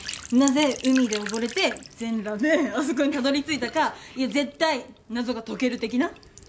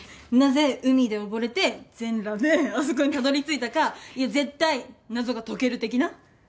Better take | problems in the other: second | background sound (Trickle, dribble / Sink (filling or washing)); 15 dB below the speech

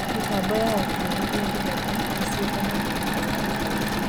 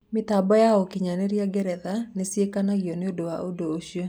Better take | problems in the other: second | background sound (Engine / Mechanisms); 5 dB above the speech

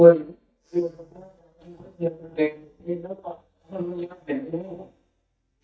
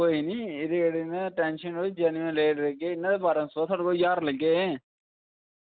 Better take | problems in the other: second | noise reduction (neural mask model DeepFilterNet 3)

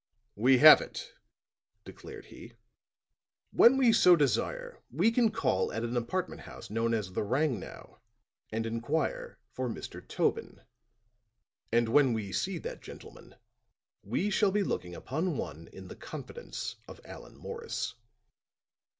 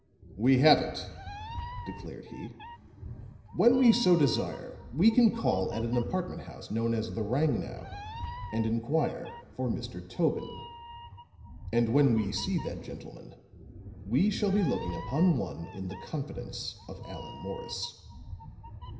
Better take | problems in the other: first | background sound (Meow); 13 dB below the speech // room echo; dies away in 0.9 s

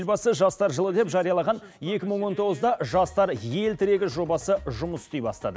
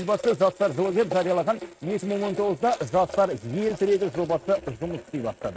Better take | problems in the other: first | noise reduction (neural mask model RNNoise)

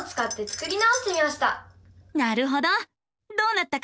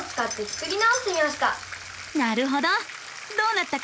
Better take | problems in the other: first | background sound (Bathtub (filling or washing)); 13 dB below the speech

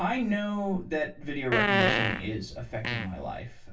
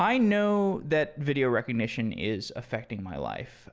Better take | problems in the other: second | background sound (Fart); 2 dB above the speech // room echo; dies away in 0.2 s

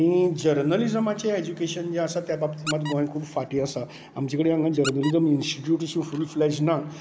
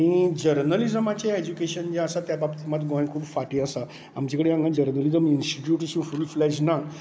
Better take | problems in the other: second | background sound (Squeak); 16 dB below the speech

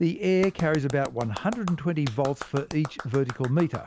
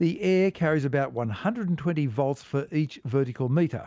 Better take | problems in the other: second | background sound (Clapping); 14 dB below the speech

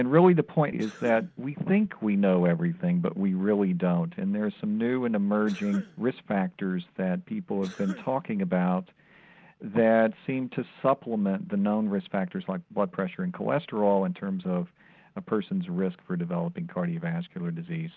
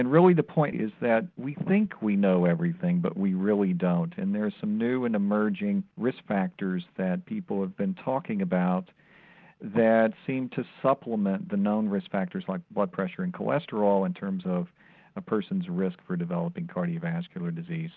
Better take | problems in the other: second | background sound (Cough); 20 dB below the speech

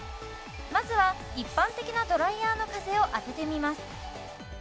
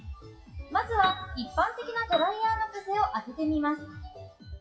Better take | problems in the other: first | noise reduction (classical method WPE with log-MMSE)

